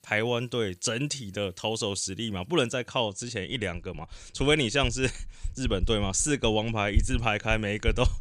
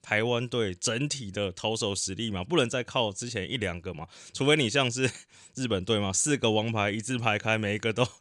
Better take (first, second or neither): second